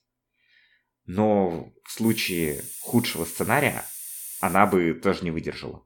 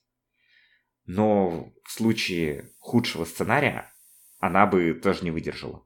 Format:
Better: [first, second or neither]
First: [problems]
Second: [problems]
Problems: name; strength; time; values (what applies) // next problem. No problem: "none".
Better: second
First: hiss; loud; from 2 to 5 s; 10 dB below the speech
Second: hiss; faint; from 2 to 5 s; 30 dB below the speech